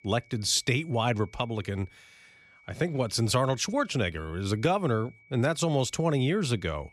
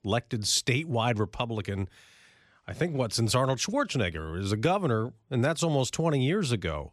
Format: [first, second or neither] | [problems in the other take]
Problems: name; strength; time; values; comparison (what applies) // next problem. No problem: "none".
second | high-pitched whine; faint; throughout; 2.5 kHz, 30 dB below the speech